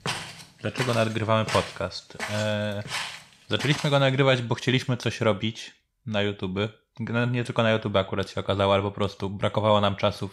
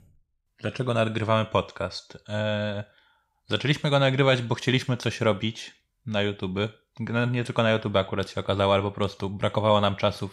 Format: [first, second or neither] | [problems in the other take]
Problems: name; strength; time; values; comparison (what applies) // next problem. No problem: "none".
second | footsteps; noticeable; until 4 s; peak 6 dB below the speech